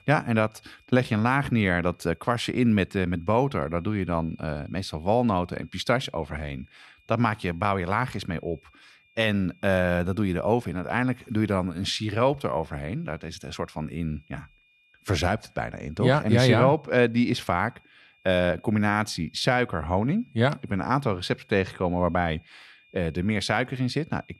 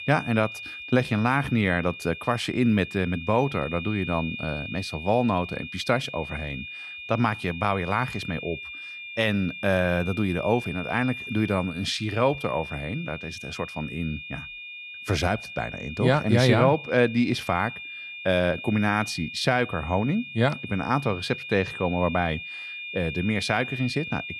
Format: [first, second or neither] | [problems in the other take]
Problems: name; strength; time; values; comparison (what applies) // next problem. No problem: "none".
first | high-pitched whine; loud; throughout; 2.5 kHz, 10 dB below the speech; faint in the first